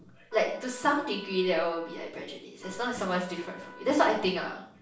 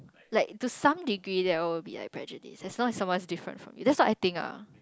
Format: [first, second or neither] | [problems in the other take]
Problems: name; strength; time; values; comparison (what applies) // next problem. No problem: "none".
second | background sound (Trumpet); 19 dB below the speech // room echo; dies away in 0.5 s